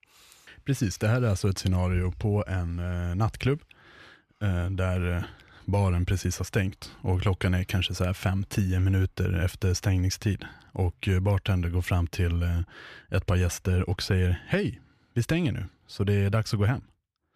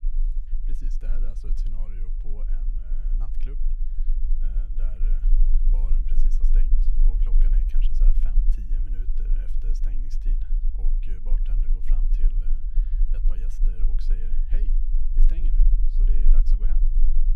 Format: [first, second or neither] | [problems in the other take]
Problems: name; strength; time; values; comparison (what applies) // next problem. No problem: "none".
first | low rumble; loud; throughout; 1 dB below the speech